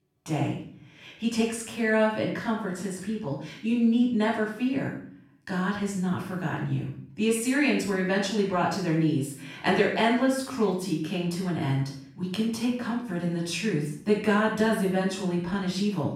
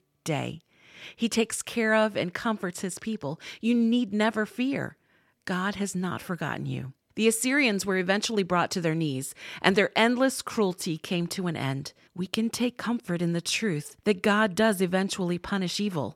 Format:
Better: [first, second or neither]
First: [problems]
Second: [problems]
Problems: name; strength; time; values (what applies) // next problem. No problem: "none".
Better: second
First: off-mic speech; far // room echo; noticeable; dies away in 0.5 s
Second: none